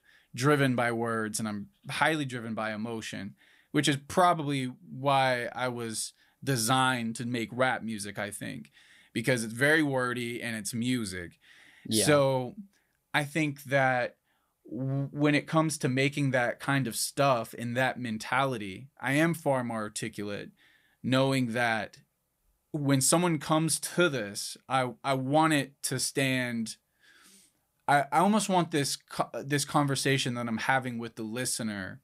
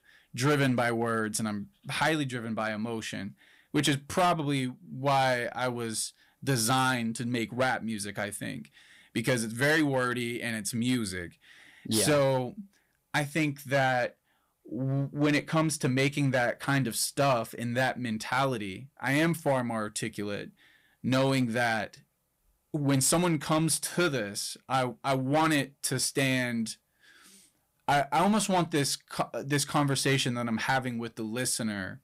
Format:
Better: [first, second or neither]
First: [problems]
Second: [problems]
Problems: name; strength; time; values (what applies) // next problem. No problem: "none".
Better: first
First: none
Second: distortion; slight; 5% of the sound clipped